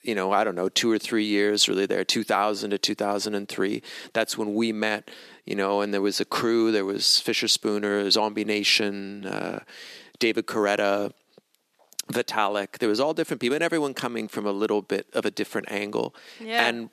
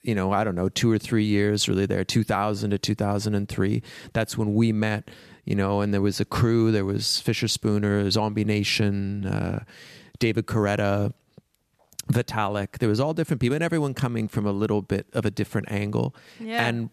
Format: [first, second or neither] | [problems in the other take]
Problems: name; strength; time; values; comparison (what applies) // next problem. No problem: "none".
second | thin; somewhat; fading below 300 Hz